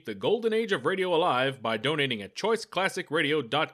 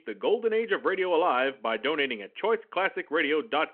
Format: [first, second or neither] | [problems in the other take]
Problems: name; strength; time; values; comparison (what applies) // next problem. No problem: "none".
first | phone-call audio